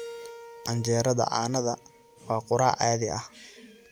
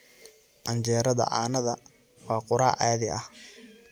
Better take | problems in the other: second | background sound (Keyboard (musical)); 19 dB below the speech

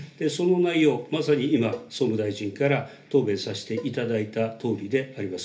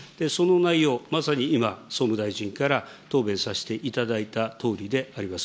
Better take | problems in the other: second | background sound (Cowbell); 17 dB below the speech // room echo; dies away in 0.3 s

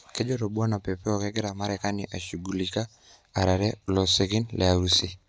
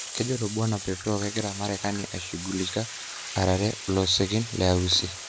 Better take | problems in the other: first | background sound (Bathtub (filling or washing)); 10 dB below the speech

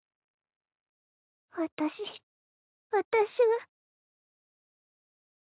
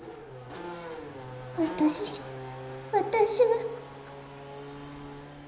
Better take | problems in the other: first | background sound (Race car, auto racing / Accelerating, revving, vroom); 10 dB below the speech // room echo; dies away in 0.9 s

